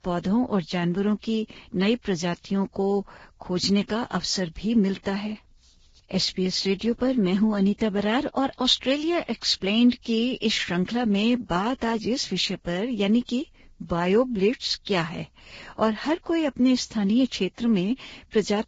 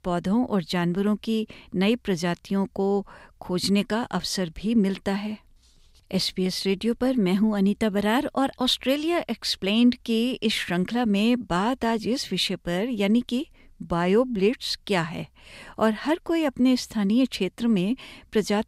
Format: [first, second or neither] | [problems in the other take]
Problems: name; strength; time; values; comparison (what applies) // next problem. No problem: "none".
second | garbled, watery; badly; nothing above 7.5 kHz